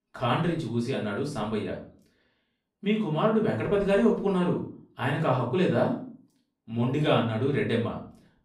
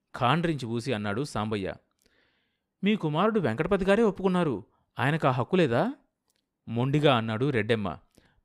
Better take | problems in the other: second | off-mic speech; far // room echo; slight; dies away in 0.4 s

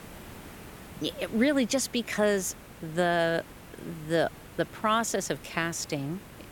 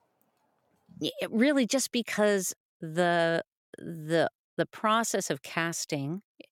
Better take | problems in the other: second | hiss; noticeable; throughout; 20 dB below the speech

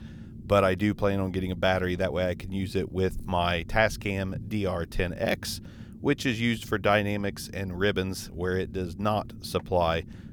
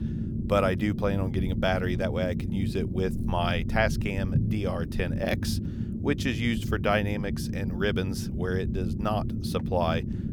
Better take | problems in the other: first | low rumble; loud; throughout; 10 dB below the speech; faint in the first

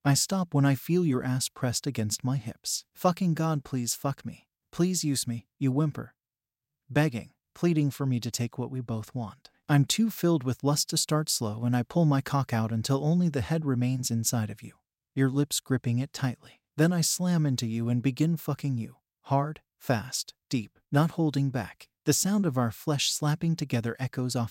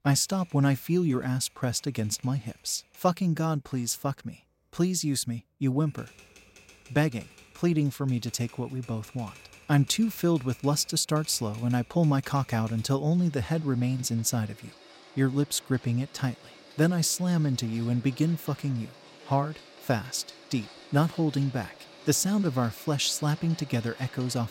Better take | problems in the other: first | household noises; faint; throughout; 20 dB below the speech

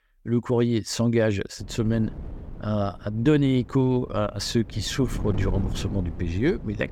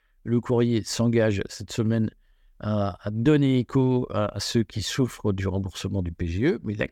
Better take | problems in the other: second | wind noise on the microphone; occasional gusts; from 1.5 s on; 15 dB below the speech

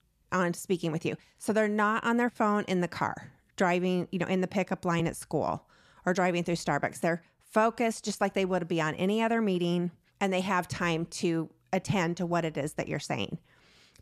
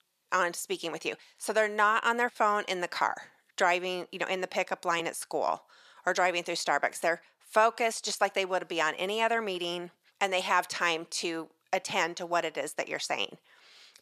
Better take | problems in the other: first | thin; very; fading below 550 Hz

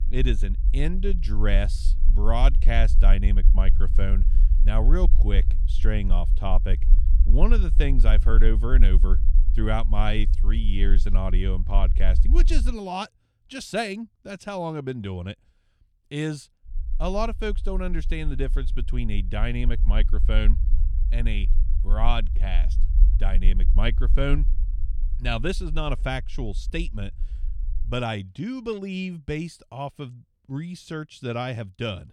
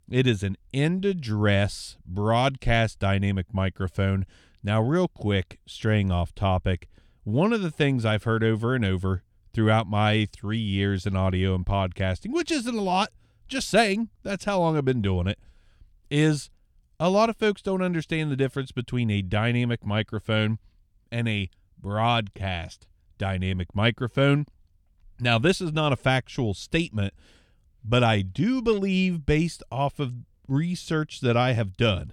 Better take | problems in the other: second | low rumble; noticeable; until 13 s and from 17 to 28 s; 15 dB below the speech

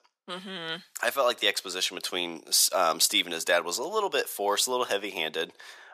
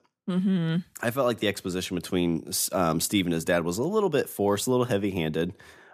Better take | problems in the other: second | thin; very; fading below 700 Hz

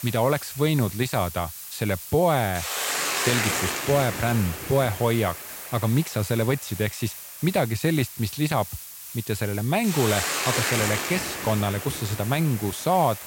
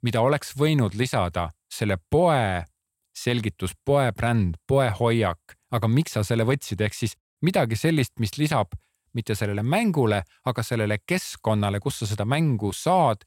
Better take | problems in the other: second | hiss; loud; throughout; 5 dB below the speech

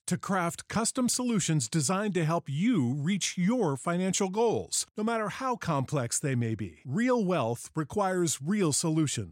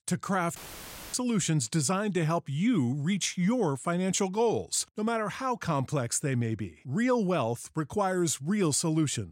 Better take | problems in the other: first | audio cutting out; filled with static; at 0.5 s for 0.5 s

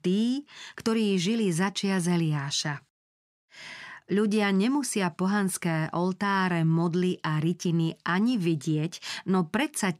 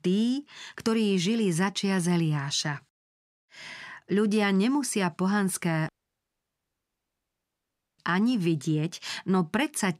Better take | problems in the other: first | audio cutting out; at 6 s for 2 s

